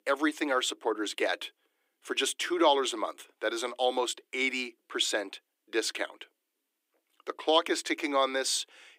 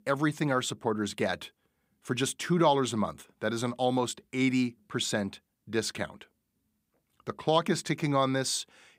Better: second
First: thin; somewhat; fading below 300 Hz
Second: none

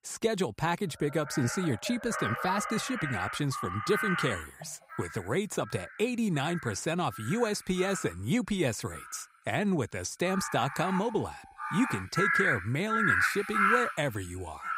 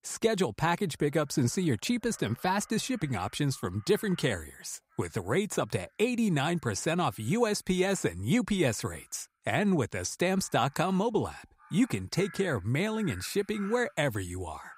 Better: second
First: animal sounds; loud; throughout; as loud as the speech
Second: animal sounds; faint; throughout; 25 dB below the speech

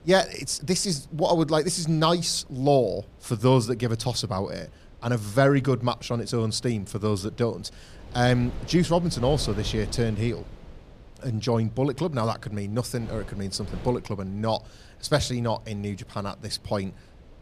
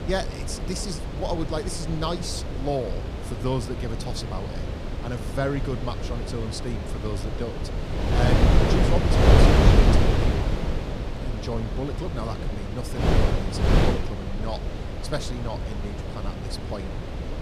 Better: first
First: wind noise on the microphone; occasional gusts; 25 dB below the speech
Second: wind noise on the microphone; heavy; 3 dB above the speech

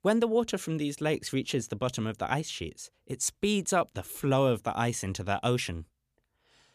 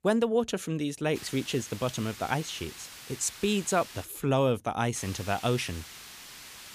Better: first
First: none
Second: hiss; noticeable; from 1 to 4 s and from 5 s on; 15 dB below the speech

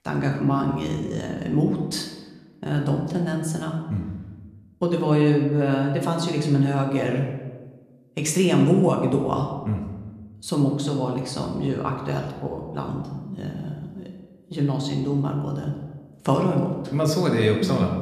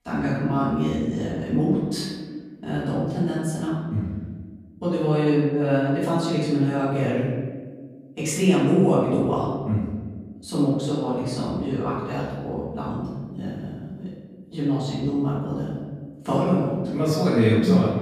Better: first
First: room echo; slight; dies away in 1 s // off-mic speech; somewhat distant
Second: room echo; strong; dies away in 1.5 s // off-mic speech; far

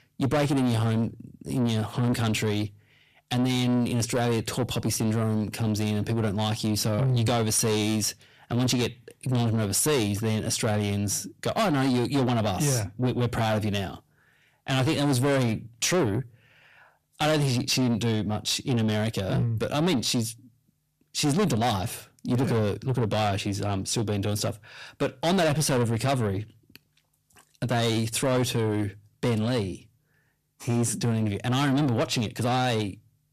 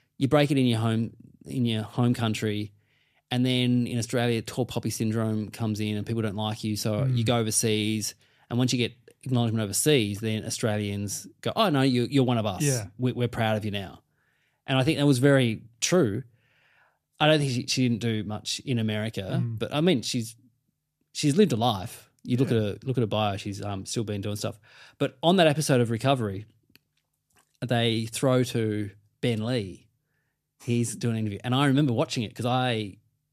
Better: second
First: distortion; heavy; 6 dB below the speech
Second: none

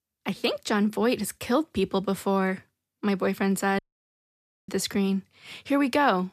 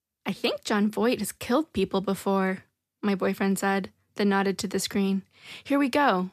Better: second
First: audio cutting out; at 4 s for 1 s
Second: none

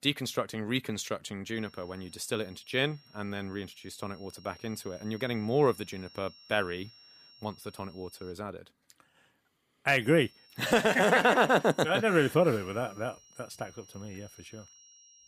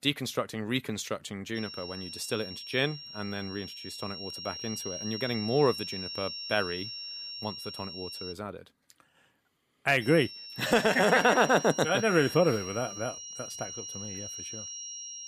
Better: first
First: high-pitched whine; faint; from 1.5 to 8.5 s and from 10 s on; 5.5 kHz, 25 dB below the speech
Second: high-pitched whine; loud; from 1.5 to 8.5 s and from 10 s on; 5.5 kHz, 9 dB below the speech

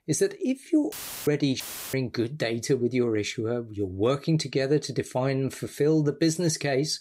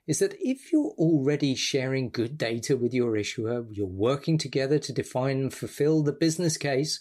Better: second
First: audio cutting out; filled with static; at 1 s and at 1.5 s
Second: none

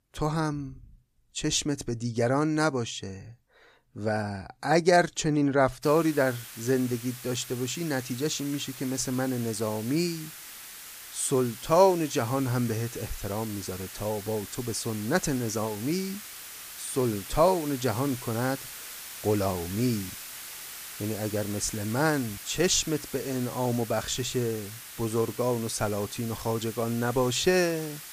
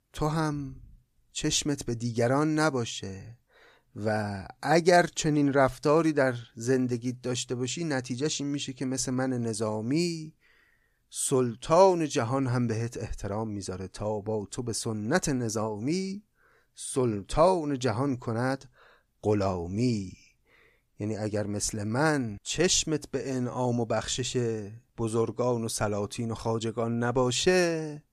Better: second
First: hiss; noticeable; from 6 s on; 10 dB below the speech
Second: none

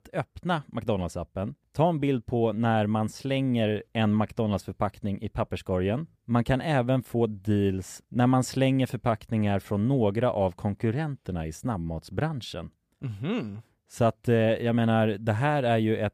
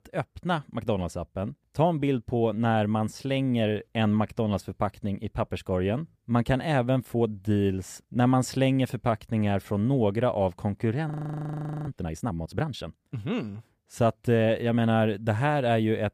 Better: first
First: none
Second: audio freezing; at 11 s for 1 s

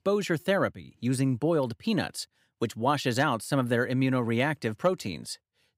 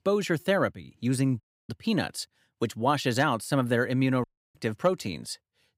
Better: first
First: none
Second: audio cutting out; at 1.5 s and at 4 s

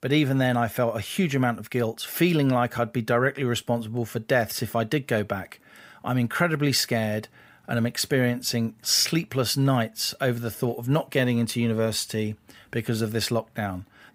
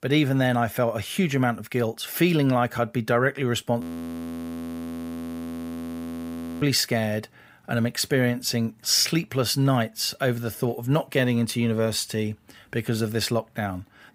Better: first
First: none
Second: audio freezing; at 4 s for 3 s

